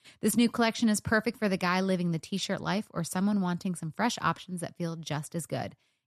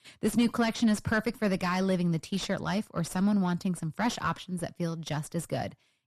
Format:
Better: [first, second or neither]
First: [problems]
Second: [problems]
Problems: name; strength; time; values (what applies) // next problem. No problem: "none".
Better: first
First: none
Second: distortion; slight; 10 dB below the speech